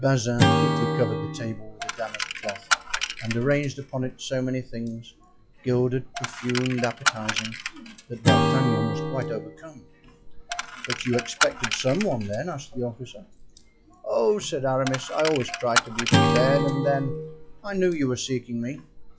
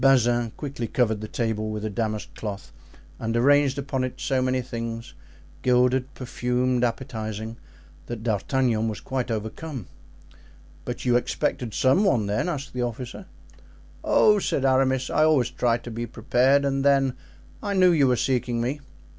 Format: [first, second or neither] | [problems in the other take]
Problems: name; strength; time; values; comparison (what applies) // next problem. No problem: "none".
second | noise reduction (classical method log-MMSE)